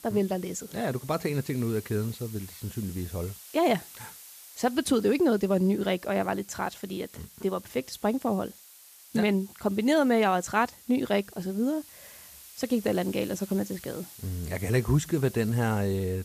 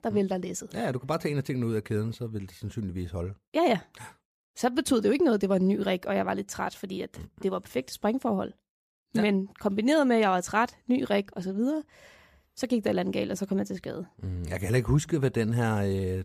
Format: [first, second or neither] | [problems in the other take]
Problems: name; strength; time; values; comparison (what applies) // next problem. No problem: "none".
second | hiss; noticeable; throughout; 20 dB below the speech